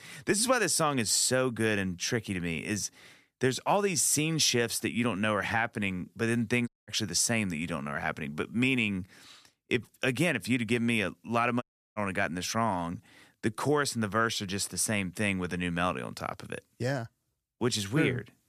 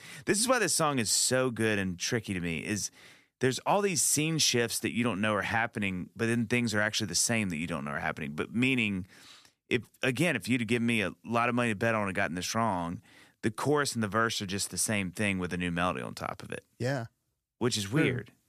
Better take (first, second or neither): second